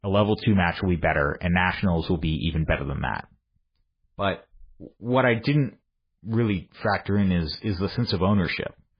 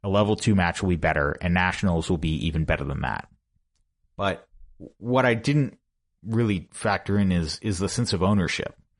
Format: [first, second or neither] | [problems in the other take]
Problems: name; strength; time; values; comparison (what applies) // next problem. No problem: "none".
second | garbled, watery; badly; nothing above 4.5 kHz; slightly in the second